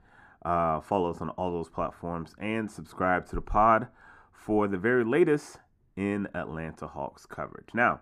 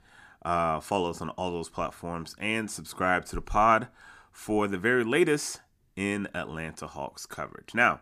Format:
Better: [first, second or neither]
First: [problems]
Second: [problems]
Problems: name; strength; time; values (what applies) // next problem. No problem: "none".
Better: second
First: muffled; slightly; fading above 2 kHz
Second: none